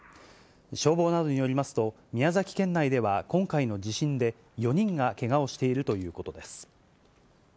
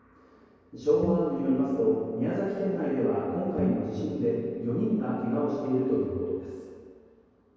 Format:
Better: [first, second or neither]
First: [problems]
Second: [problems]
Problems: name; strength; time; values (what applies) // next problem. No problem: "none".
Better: first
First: none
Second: background sound (Bowed string instrument); 9 dB below the speech // room echo; dies away in 2.2 s